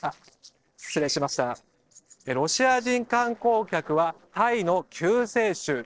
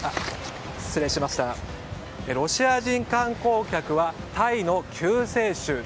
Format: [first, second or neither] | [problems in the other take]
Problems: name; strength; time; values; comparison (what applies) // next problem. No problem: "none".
second | noise reduction (neural separator model SepFormer DNS4)